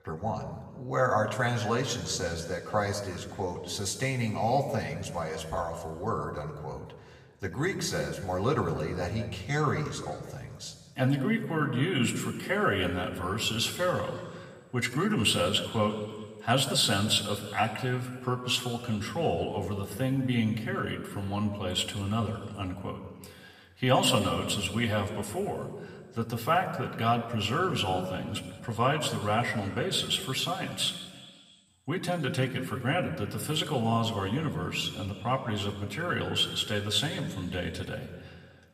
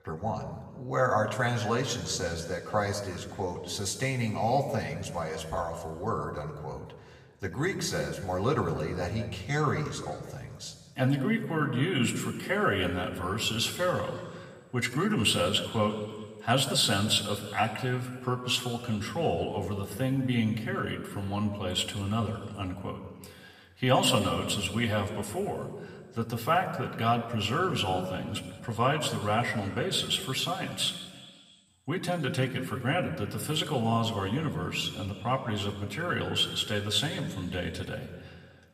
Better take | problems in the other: neither | room echo; slight; dies away in 1.5 s; the same in both // off-mic speech; somewhat distant; the same in both

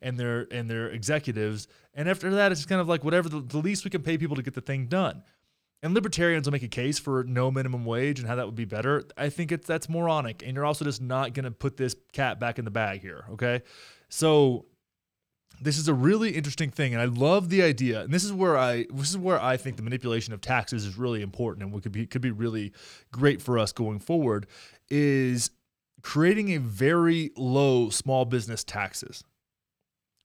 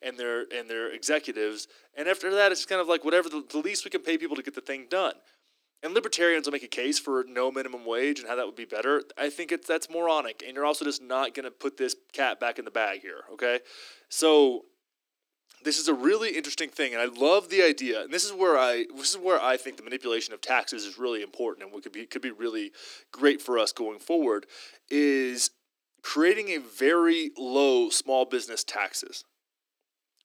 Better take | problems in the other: first | thin; somewhat; fading below 300 Hz

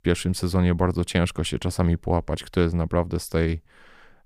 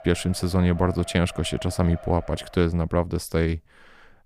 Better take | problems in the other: first | traffic noise; noticeable; throughout; 20 dB below the speech

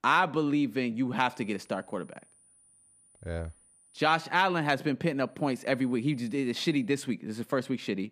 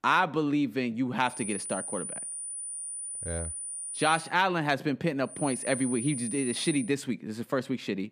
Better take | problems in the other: first | high-pitched whine; loud; from 1.5 to 4 s and from 5.5 to 7 s; 9.5 kHz, 5 dB below the speech; faint in the first

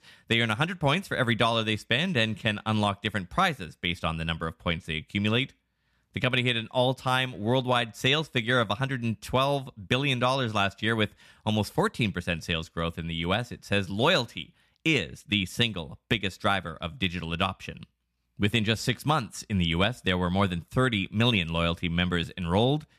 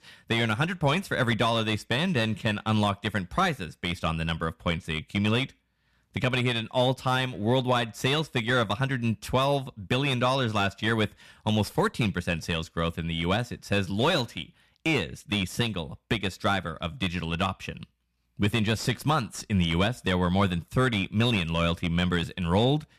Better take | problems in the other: first | distortion; slight; 10 dB below the speech

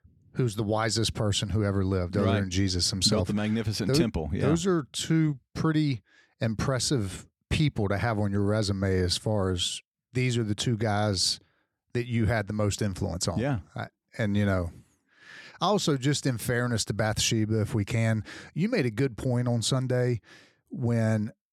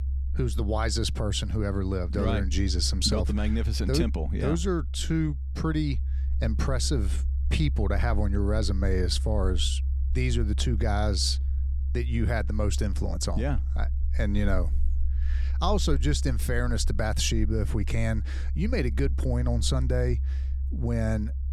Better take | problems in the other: first | low rumble; noticeable; throughout; 15 dB below the speech

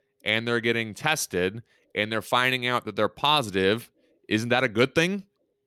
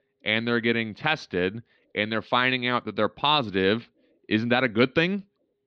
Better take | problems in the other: first | muffled; very slightly; fading above 4.5 kHz

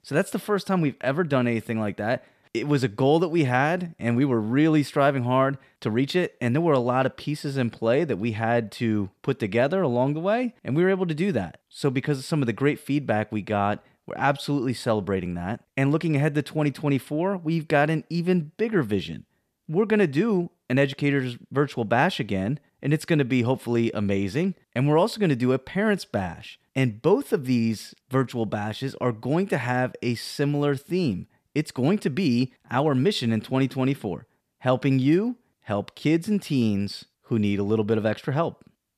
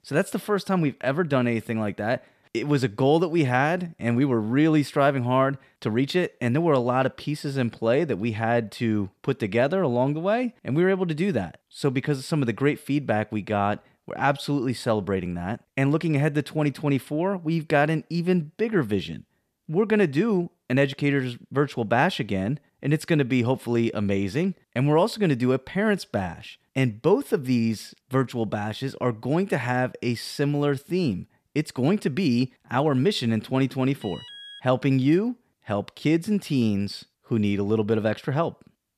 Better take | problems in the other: first | alarm; faint; at 34 s; peak 15 dB below the speech

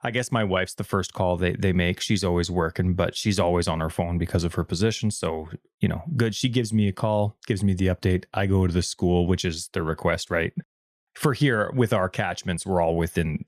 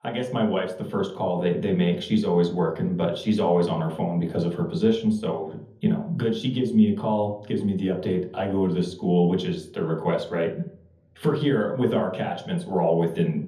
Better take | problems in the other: first | room echo; slight; dies away in 0.6 s // off-mic speech; far

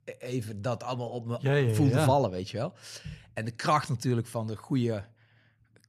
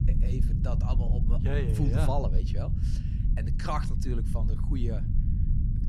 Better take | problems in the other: first | low rumble; loud; throughout; 6 dB below the speech

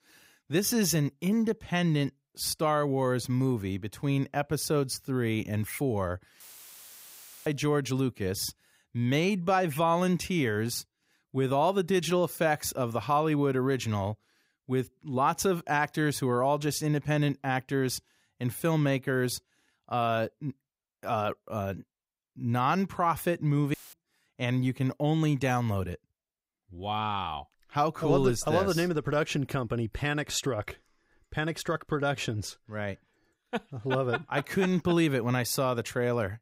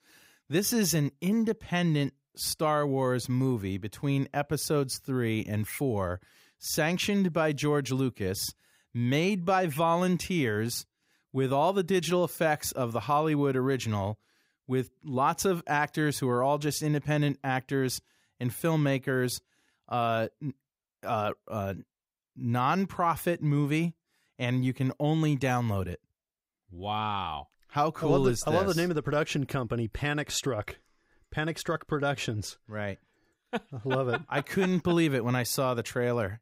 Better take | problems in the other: second | audio cutting out; filled with static; at 6.5 s for 1 s and at 24 s

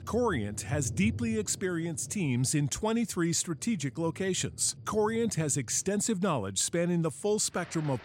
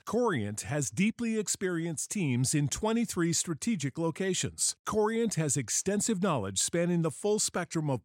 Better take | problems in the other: second | rain or running water; noticeable; throughout; 15 dB below the speech

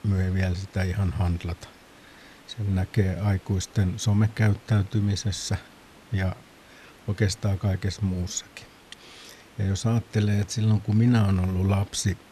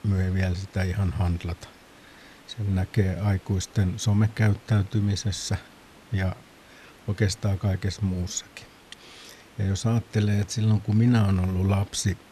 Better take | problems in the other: neither | hiss; faint; throughout; 25 dB below the speech; the same in both

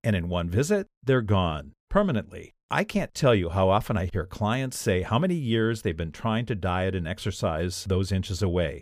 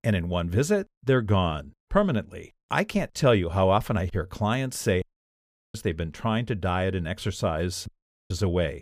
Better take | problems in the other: first | audio cutting out; at 5 s for 0.5 s and at 8 s

